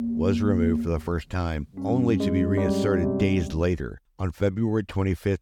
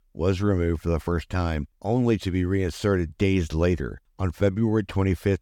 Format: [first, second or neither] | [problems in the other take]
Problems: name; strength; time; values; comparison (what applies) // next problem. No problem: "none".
second | background music; loud; until 3.5 s; 1 dB below the speech